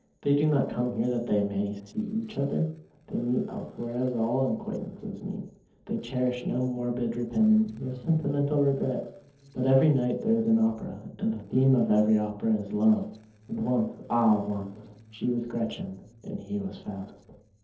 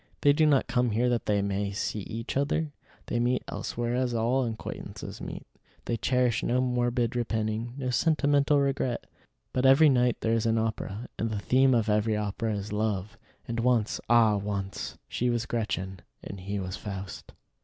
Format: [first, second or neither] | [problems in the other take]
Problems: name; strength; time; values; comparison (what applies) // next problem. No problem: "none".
second | noise reduction (neural separator model SepFormer DNS4)